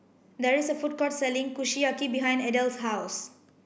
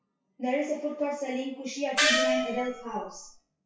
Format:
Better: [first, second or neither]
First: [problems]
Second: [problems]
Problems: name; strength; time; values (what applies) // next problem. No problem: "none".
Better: first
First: none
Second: noise reduction (classical method WPE with log-MMSE)